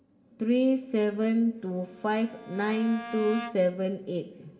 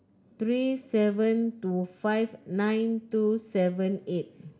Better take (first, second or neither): second